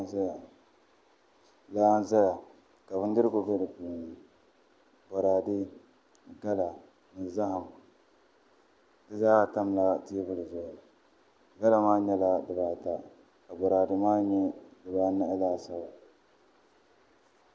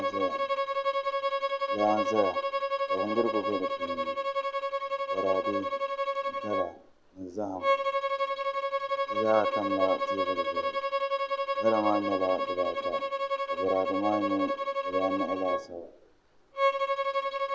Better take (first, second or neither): first